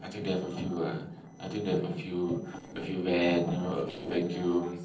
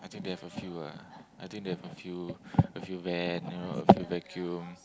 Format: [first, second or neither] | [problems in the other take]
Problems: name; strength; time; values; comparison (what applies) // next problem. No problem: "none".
second | noise reduction (neural separator model SepFormer DNS4)